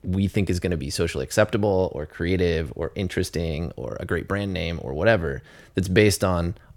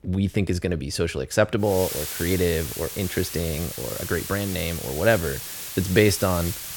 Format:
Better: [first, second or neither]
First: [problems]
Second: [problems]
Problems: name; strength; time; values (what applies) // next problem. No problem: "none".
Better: first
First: none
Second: hiss; loud; from 1.5 s on; 7 dB below the speech